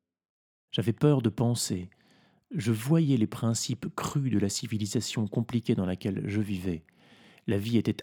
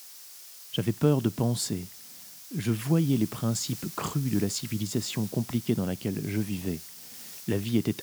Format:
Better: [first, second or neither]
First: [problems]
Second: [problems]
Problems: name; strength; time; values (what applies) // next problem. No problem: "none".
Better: first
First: none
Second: hiss; noticeable; throughout; 10 dB below the speech